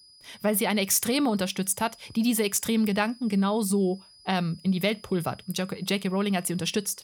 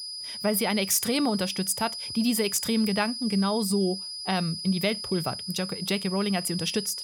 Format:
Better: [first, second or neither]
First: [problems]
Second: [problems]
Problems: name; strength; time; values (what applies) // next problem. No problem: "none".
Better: first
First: high-pitched whine; faint; throughout; 5 kHz, 25 dB below the speech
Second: high-pitched whine; loud; throughout; 5 kHz, 6 dB below the speech